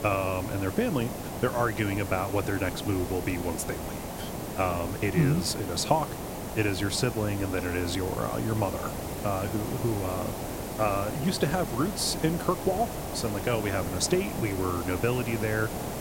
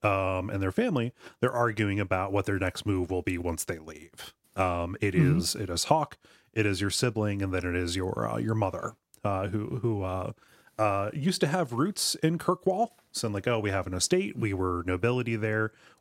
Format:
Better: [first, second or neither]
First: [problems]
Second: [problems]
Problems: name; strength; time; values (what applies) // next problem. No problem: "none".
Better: second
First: hiss; loud; throughout; 6 dB below the speech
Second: none